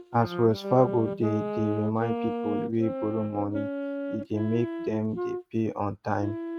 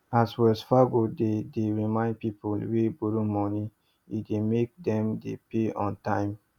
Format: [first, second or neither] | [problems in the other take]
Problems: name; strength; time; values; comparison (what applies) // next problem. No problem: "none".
second | noise reduction (neural mask model RNNoise)